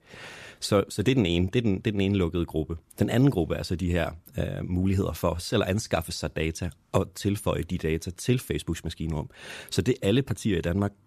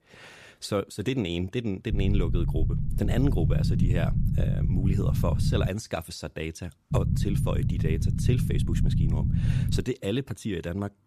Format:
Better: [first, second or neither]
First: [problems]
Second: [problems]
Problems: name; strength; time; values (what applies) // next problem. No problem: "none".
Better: first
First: none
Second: low rumble; loud; from 2 to 5.5 s and from 7 to 10 s; 4 dB below the speech